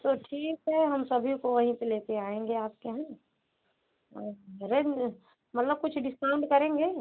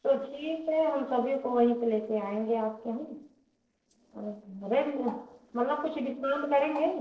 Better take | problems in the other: first | noise reduction (neural separator model SepFormer DNS4)

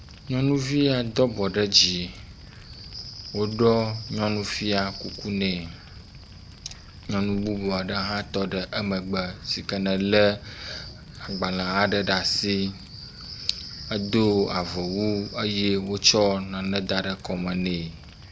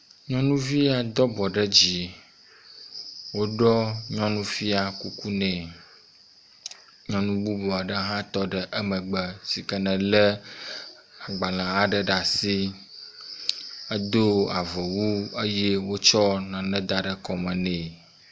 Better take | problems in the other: second | background sound (Drum + Fire); 18 dB below the speech

